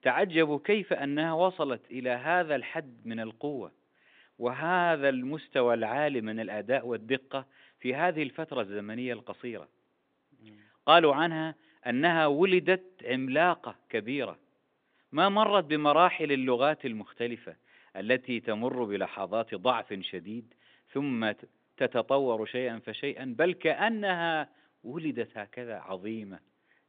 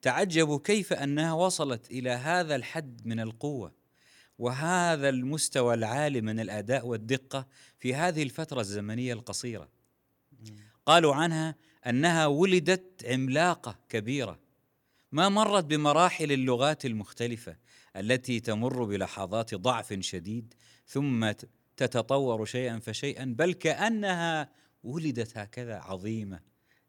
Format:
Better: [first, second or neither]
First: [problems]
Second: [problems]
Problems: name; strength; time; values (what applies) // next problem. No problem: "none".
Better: second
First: phone-call audio; nothing above 3.5 kHz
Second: none